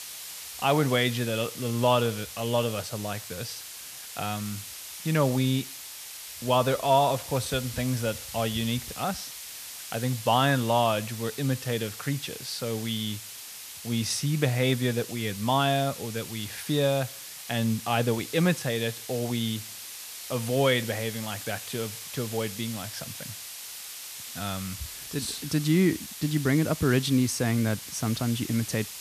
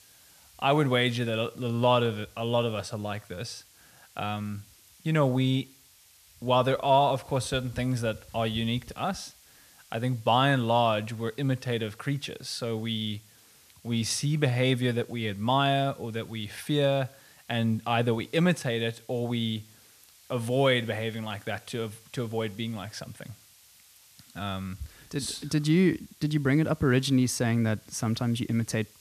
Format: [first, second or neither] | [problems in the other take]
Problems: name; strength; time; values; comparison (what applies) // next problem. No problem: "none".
second | hiss; loud; throughout; 10 dB below the speech; faint in the second